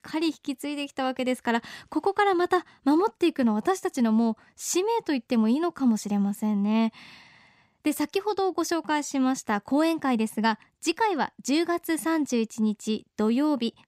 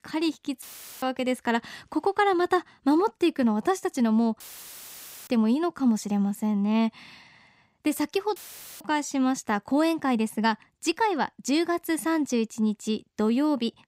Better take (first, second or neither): first